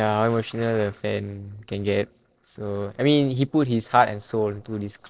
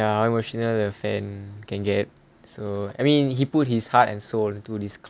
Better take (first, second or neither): second